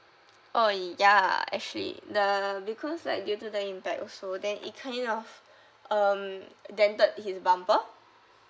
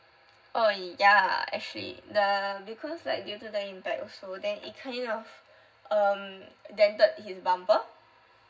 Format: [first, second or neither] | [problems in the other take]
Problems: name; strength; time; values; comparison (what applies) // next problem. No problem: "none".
first | room echo; dies away in 0.4 s